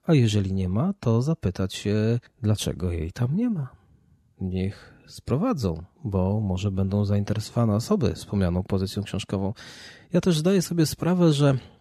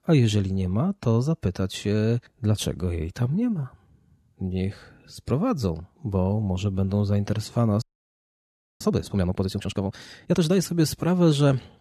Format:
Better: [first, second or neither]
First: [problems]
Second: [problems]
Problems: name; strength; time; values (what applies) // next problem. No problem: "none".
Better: first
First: none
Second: audio freezing; at 8 s for 1 s